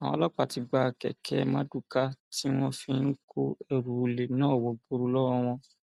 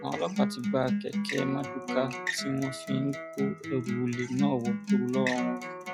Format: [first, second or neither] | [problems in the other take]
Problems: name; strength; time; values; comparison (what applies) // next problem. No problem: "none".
first | noise reduction (classical method log-MMSE)